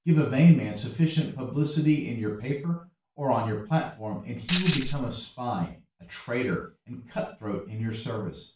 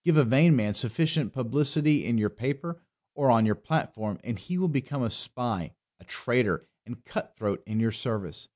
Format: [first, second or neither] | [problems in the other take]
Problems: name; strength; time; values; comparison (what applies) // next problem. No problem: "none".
second | background sound (Tambourine); 4 dB below the speech // room echo; dies away in 0.3 s